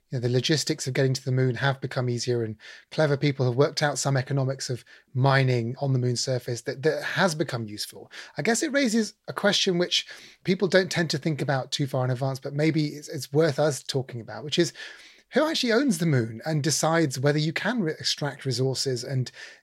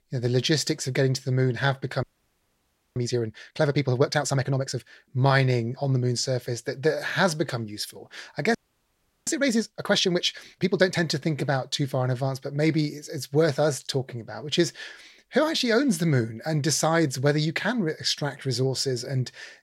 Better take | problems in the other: first | audio freezing; at 2 s for 1 s and at 8.5 s for 0.5 s

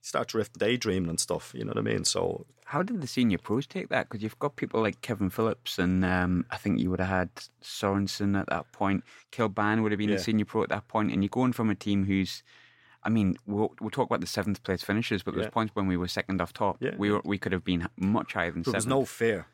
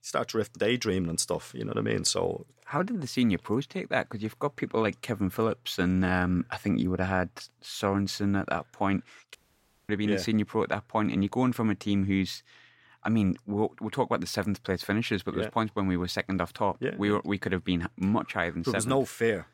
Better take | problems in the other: first | audio cutting out; at 9.5 s for 0.5 s

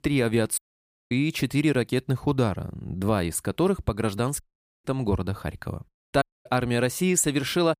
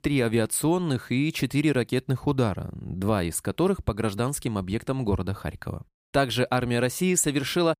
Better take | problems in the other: second | audio cutting out; at 0.5 s for 0.5 s, at 4.5 s and at 6 s

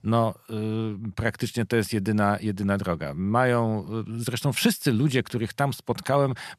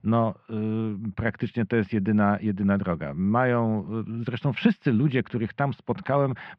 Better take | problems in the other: first | muffled; very; fading above 3 kHz

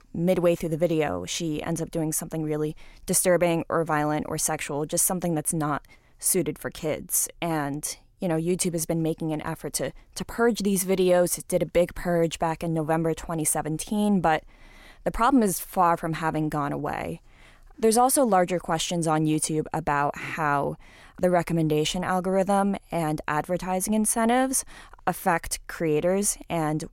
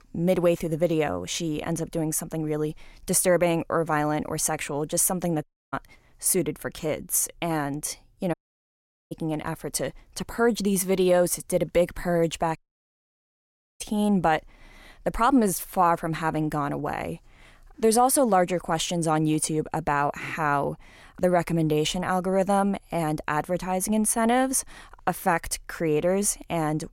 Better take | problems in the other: first | audio cutting out; at 5.5 s, at 8.5 s for 1 s and at 13 s for 1 s

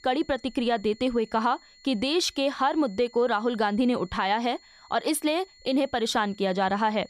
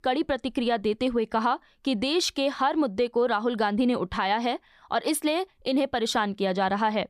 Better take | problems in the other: second | high-pitched whine; faint; throughout; 4.5 kHz, 25 dB below the speech

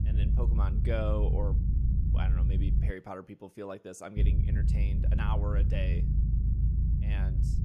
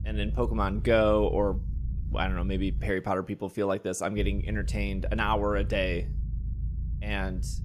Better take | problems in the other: second | low rumble; loud; until 3 s and from 4 s on; 4 dB below the speech; faint in the second

